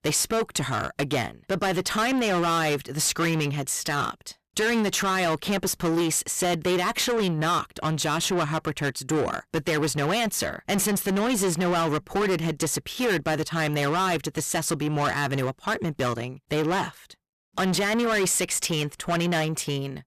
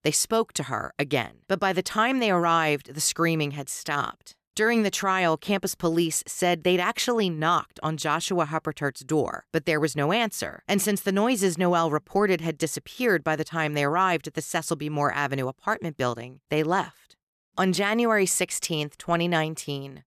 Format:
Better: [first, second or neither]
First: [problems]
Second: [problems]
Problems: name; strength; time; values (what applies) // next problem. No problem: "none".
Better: second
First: distortion; heavy; 6 dB below the speech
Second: none